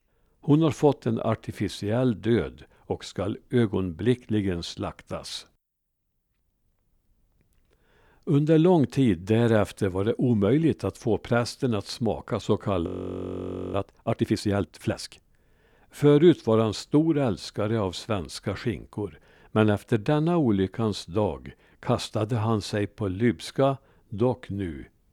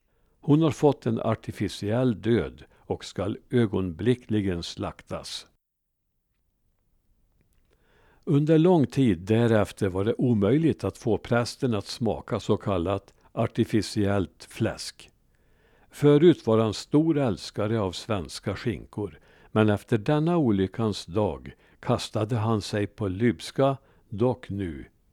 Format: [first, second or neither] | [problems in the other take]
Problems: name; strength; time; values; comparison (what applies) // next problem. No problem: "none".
second | audio freezing; at 13 s for 1 s